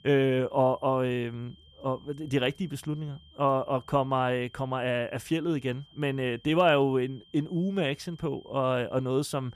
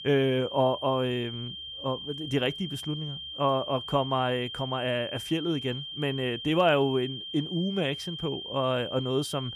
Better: first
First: high-pitched whine; faint; throughout; 3 kHz, 30 dB below the speech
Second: high-pitched whine; loud; throughout; 3 kHz, 8 dB below the speech

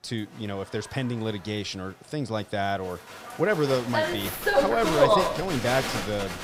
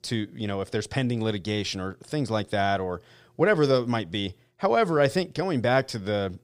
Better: second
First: crowd noise; very loud; throughout; 3 dB above the speech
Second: none

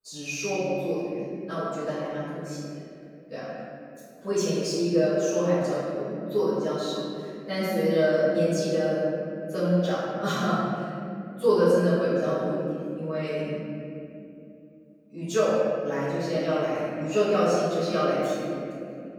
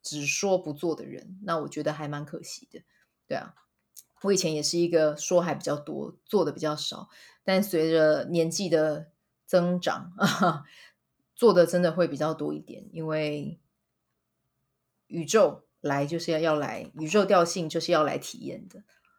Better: second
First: off-mic speech; far // room echo; strong; dies away in 2.7 s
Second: none

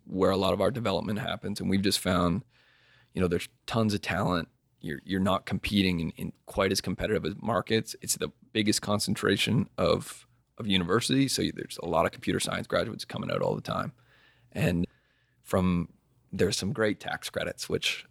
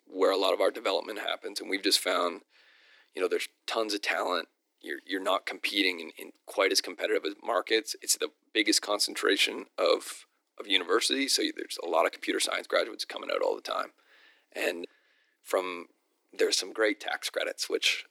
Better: first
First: none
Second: thin; somewhat; fading below 300 Hz

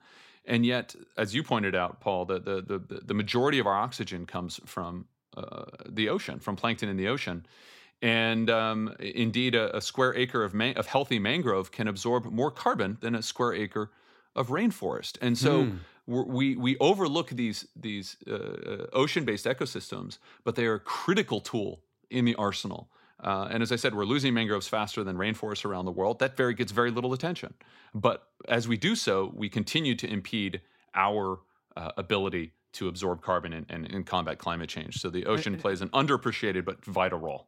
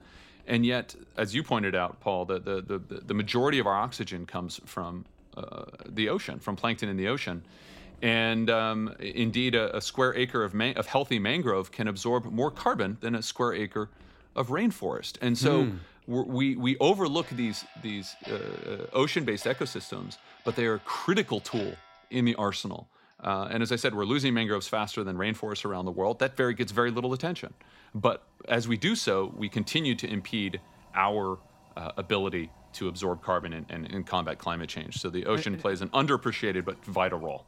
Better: first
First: none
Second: household noises; faint; throughout; 25 dB below the speech

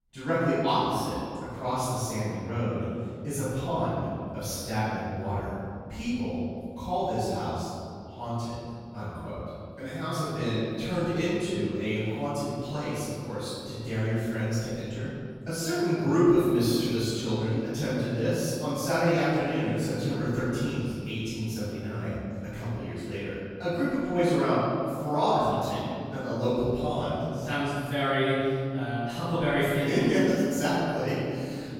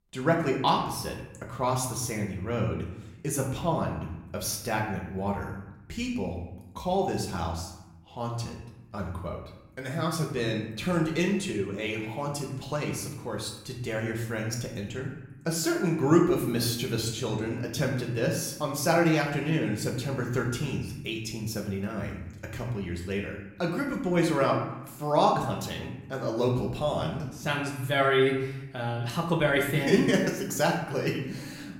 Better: second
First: room echo; strong; dies away in 2.2 s // off-mic speech; far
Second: room echo; slight; dies away in 0.8 s // off-mic speech; somewhat distant

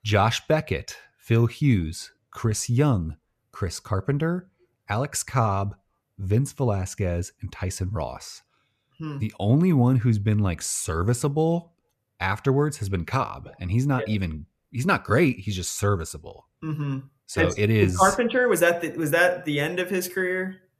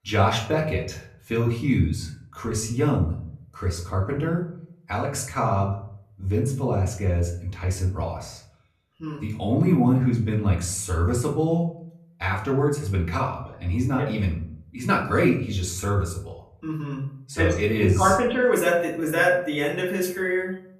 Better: first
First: none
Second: room echo; slight; dies away in 0.5 s // off-mic speech; far

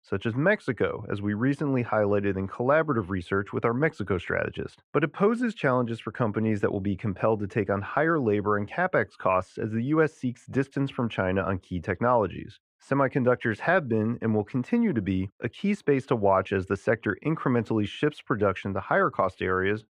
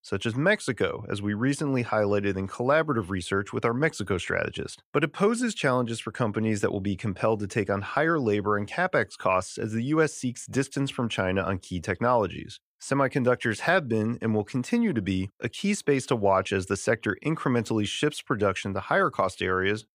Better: second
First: muffled; very; fading above 3.5 kHz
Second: none

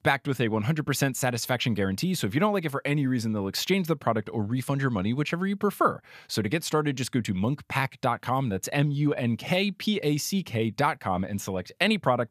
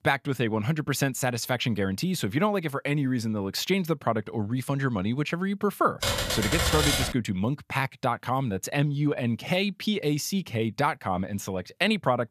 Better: first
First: none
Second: keyboard typing; loud; from 6 to 7 s; peak 4 dB above the speech

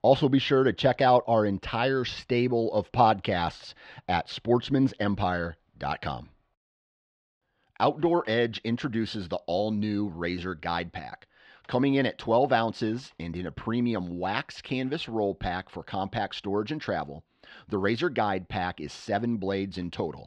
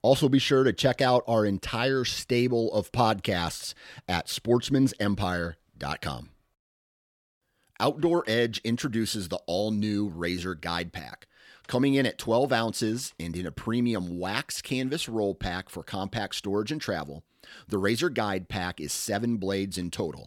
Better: second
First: muffled; slightly; fading above 4 kHz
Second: none

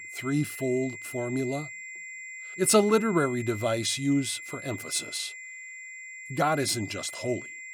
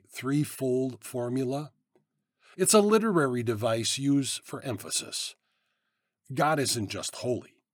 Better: second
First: high-pitched whine; noticeable; throughout; 2 kHz, 10 dB below the speech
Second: none

